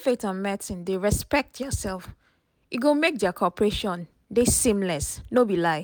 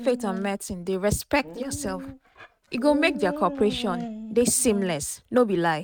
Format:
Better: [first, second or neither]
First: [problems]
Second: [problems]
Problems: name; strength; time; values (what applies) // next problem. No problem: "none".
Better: first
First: none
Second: noise reduction (neural mask model RNNoise)